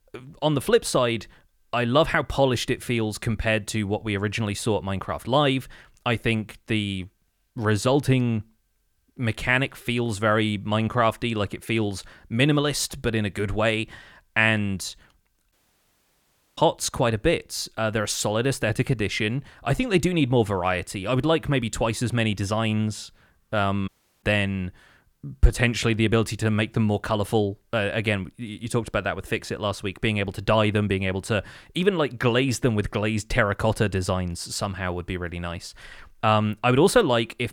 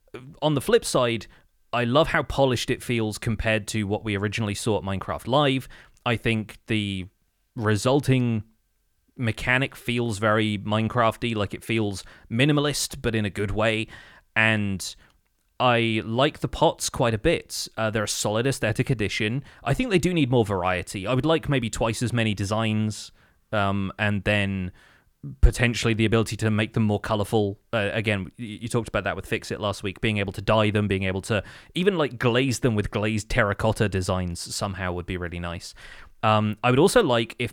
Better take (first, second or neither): second